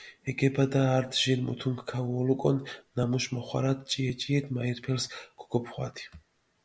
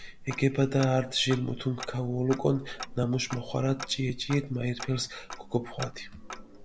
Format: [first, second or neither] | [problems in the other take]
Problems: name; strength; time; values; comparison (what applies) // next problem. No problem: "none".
first | background sound (Tick-tock); 13 dB below the speech